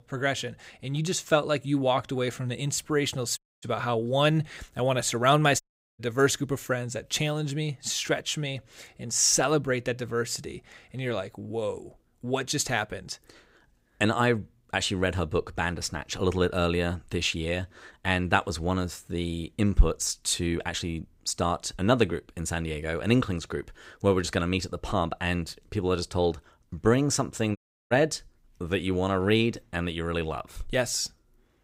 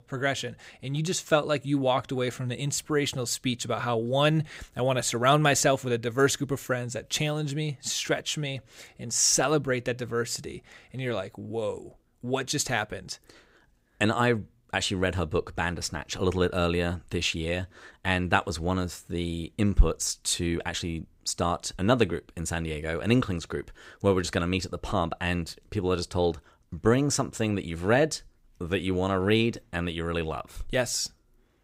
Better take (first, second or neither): second